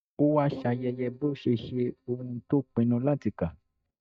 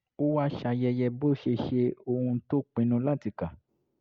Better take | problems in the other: second | noise reduction (neural mask model DeepFilterNet 3)

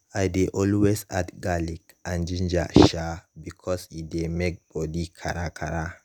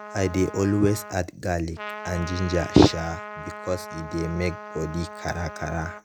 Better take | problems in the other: first | background sound (Trumpet); 13 dB below the speech

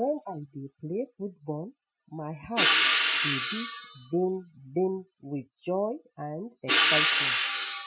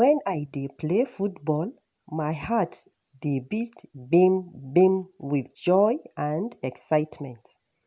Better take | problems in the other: second | noise reduction (classical method Wiener filter)

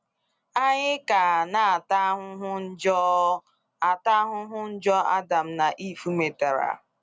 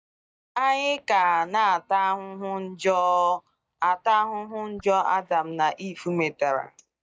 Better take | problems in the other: first | noise reduction (neural mask model DeepFilterNet 3)

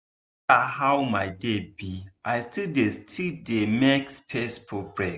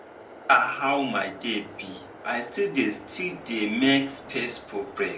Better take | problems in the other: first | background sound (Train); 17 dB below the speech // room echo; dies away in 0.2 s

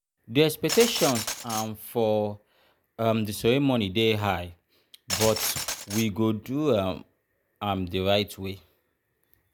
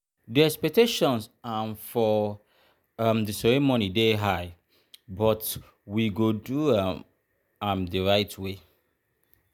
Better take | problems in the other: second | background sound (Glass); 7 dB below the speech

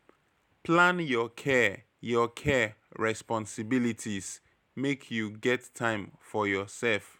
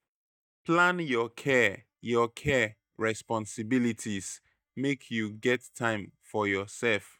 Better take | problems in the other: first | noise reduction (neural mask model DeepFilterNet 3)

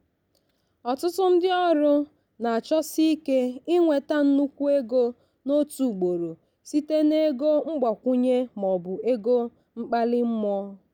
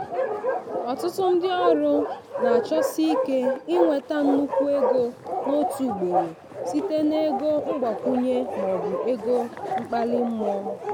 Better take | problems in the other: first | background sound (Bark); 2 dB below the speech

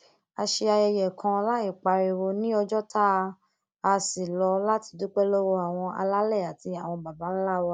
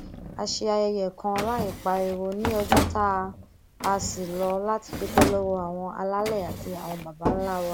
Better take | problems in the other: first | background sound (Drawer open or close); 3 dB below the speech

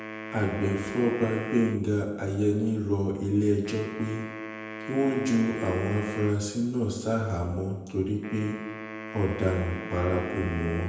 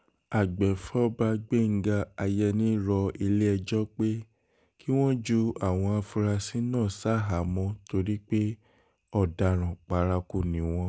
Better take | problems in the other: second | background sound (Wind instrument, woodwind instrument); 11 dB below the speech // room echo; dies away in 1 s

